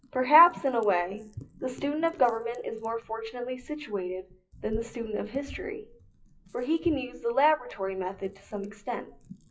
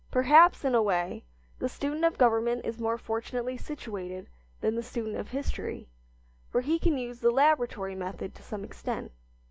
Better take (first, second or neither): second